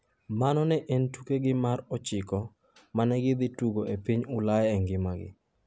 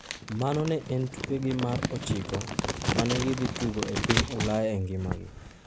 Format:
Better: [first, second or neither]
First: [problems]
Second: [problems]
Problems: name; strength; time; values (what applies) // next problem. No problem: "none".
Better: first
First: none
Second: background sound (Crumpling, crinkling); 2 dB below the speech